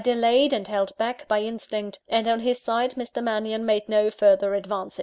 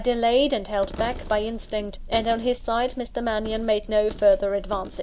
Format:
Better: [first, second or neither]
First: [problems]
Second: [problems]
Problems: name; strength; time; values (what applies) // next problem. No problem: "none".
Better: first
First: none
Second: background sound (Coin (dropping)); 13 dB below the speech